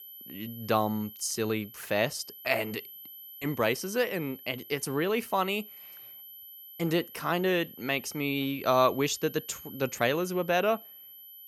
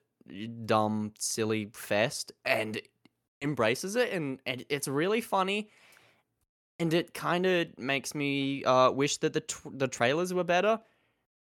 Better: second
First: high-pitched whine; noticeable; throughout; 12 kHz, 15 dB below the speech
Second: none

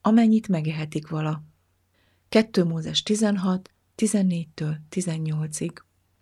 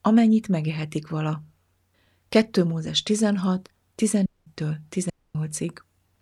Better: first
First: none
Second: audio cutting out; at 4.5 s and at 5 s

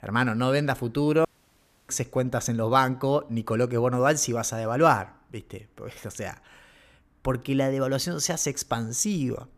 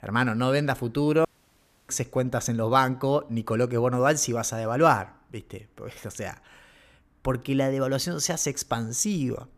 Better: neither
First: audio cutting out; at 1.5 s for 0.5 s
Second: audio cutting out; at 1.5 s for 0.5 s

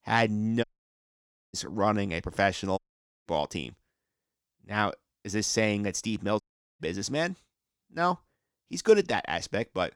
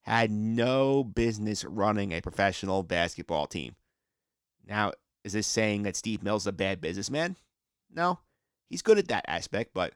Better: second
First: audio cutting out; at 0.5 s for 1 s, at 3 s and at 6.5 s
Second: none

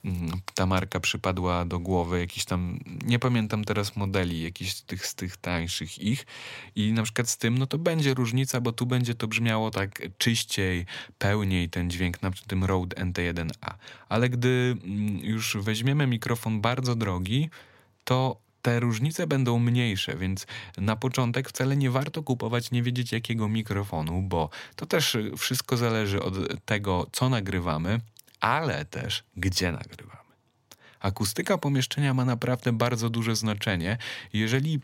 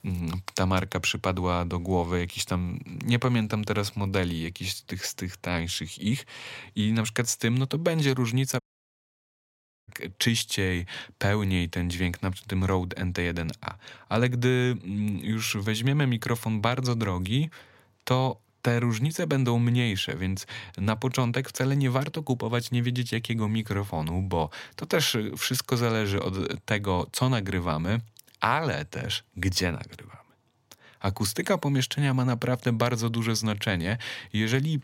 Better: first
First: none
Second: audio cutting out; at 8.5 s for 1.5 s

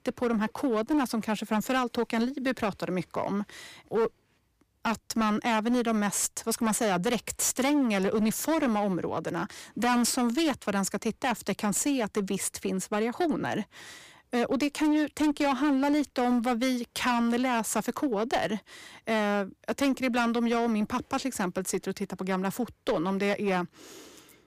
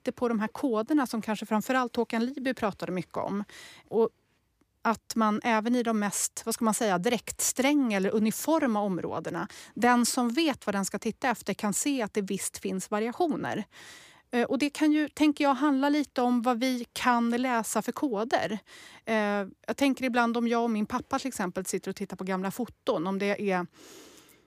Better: second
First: distortion; slight; 11% of the sound clipped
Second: none

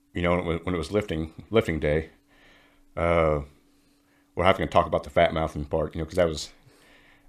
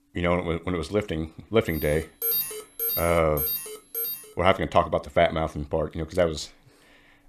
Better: first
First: none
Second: alarm; loud; from 1.5 to 4 s; peak 1 dB above the speech

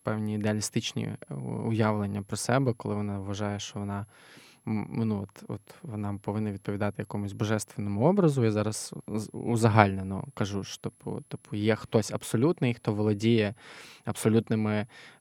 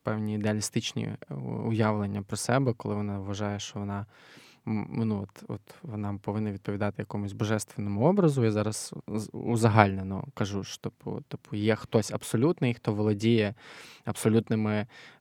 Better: second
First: high-pitched whine; faint; throughout; 11 kHz, 35 dB below the speech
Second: none

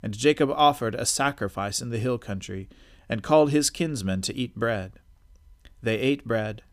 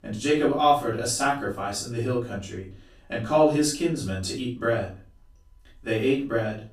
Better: first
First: none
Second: off-mic speech; far // room echo; noticeable; dies away in 0.3 s

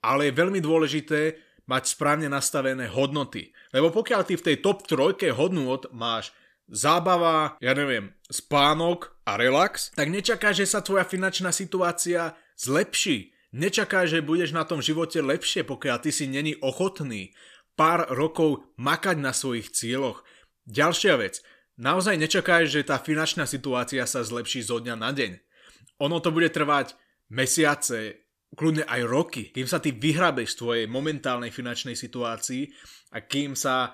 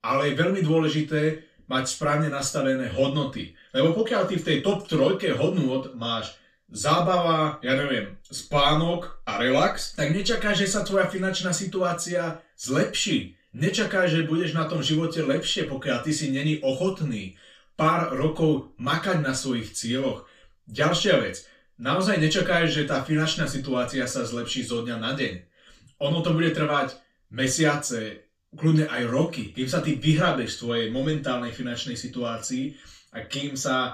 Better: first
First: none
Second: room echo; slight; dies away in 0.2 s // off-mic speech; far

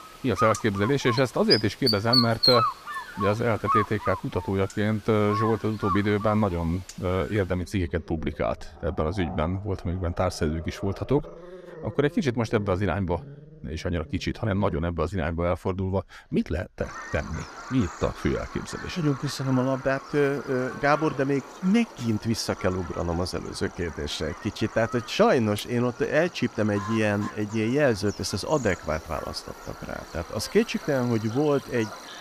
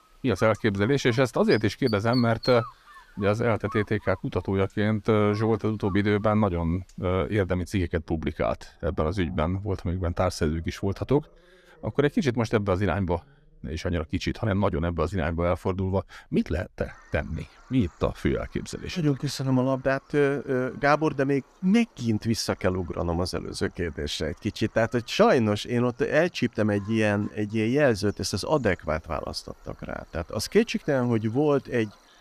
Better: second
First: animal sounds; loud; throughout; 6 dB below the speech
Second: animal sounds; faint; throughout; 20 dB below the speech

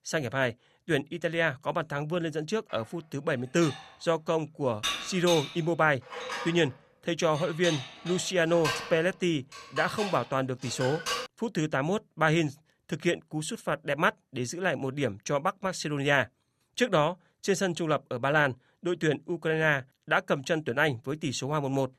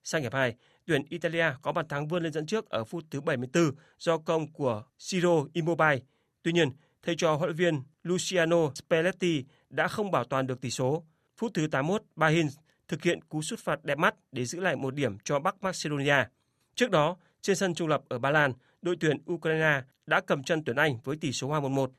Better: second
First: clattering dishes; noticeable; from 3.5 to 11 s; peak 2 dB below the speech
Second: none

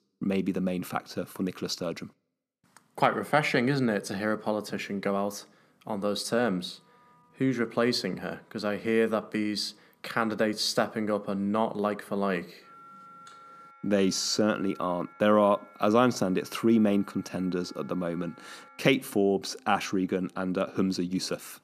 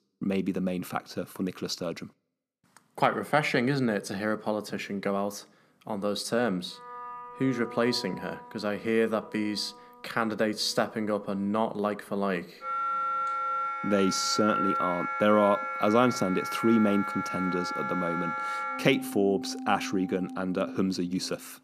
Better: first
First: background music; faint; from 7 s on; 25 dB below the speech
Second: background music; loud; from 7 s on; 4 dB below the speech

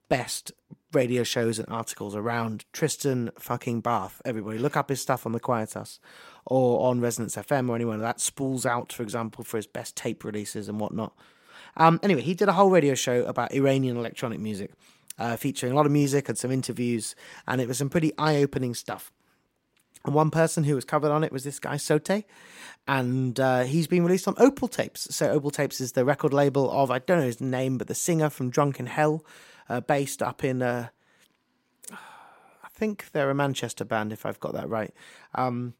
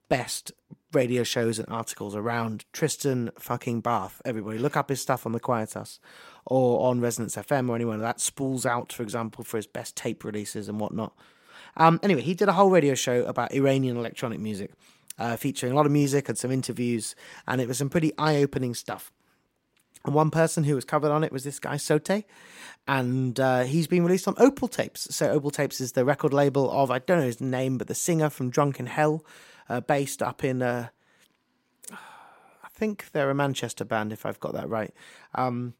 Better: neither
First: none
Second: none

